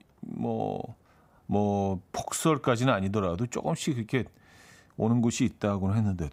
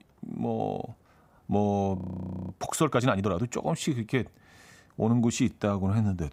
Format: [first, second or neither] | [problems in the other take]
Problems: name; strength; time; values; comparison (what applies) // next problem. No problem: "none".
first | audio freezing; at 2 s for 0.5 s